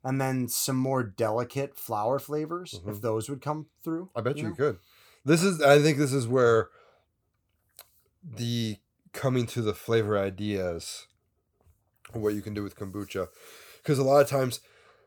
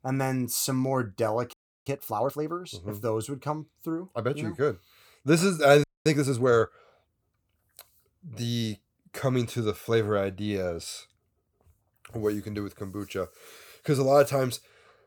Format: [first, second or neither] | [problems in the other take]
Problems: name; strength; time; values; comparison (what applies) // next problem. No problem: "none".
first | audio freezing; at 1.5 s and at 6 s